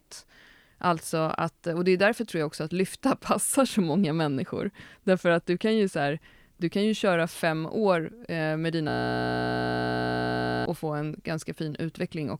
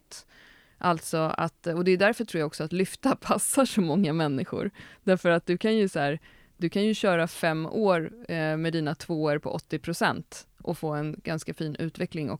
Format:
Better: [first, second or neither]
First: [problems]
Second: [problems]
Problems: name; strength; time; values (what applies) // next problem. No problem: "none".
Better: second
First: audio freezing; at 9 s for 2 s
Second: none